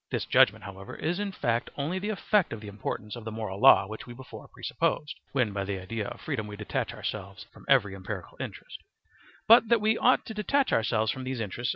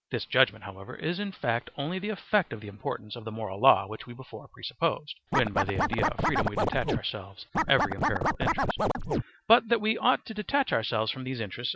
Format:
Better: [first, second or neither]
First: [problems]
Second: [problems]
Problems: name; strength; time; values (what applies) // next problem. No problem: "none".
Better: first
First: none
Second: background sound (Scratching (performance technique)); 2 dB above the speech